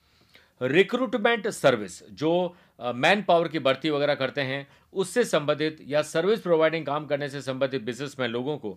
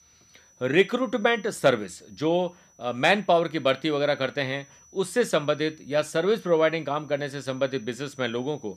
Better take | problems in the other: first | high-pitched whine; faint; throughout; 6 kHz, 30 dB below the speech

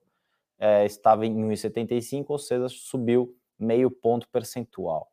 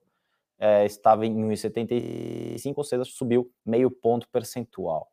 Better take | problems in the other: first | audio freezing; at 2 s for 0.5 s

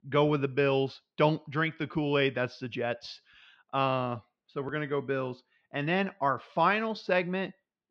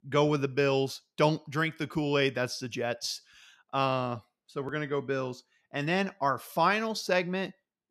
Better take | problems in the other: second | muffled; slightly; fading above 3.5 kHz

